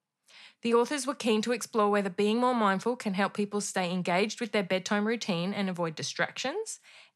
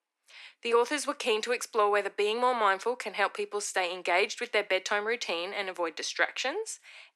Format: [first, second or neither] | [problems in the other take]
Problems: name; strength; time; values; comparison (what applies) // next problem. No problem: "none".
first | thin; very; fading below 300 Hz